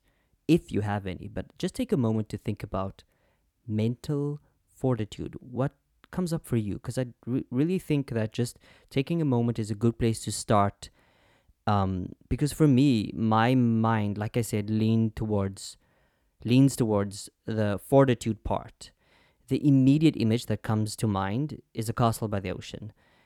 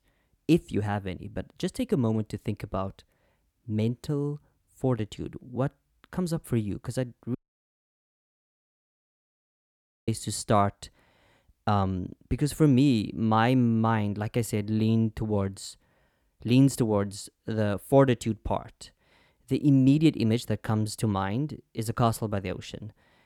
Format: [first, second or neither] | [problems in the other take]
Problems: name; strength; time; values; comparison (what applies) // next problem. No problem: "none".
first | audio cutting out; at 7.5 s for 2.5 s